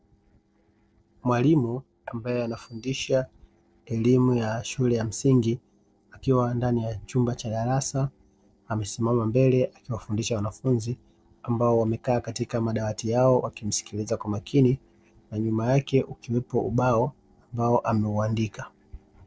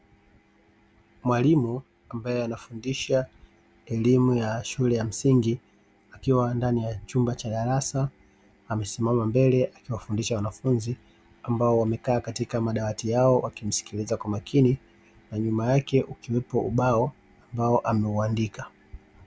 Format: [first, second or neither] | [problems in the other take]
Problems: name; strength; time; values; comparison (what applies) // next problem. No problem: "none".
second | noise reduction (neural separator model SepFormer DNS4)